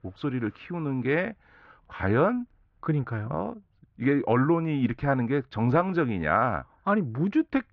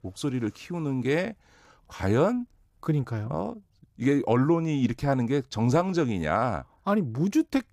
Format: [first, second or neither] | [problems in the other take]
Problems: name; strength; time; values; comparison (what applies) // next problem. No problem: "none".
second | muffled; very; fading above 3 kHz